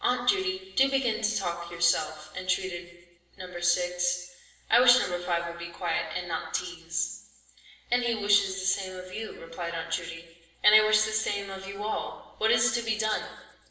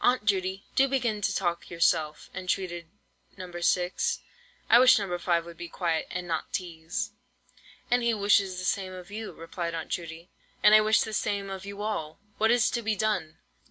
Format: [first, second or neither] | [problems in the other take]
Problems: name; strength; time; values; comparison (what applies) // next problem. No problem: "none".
second | room echo; dies away in 0.9 s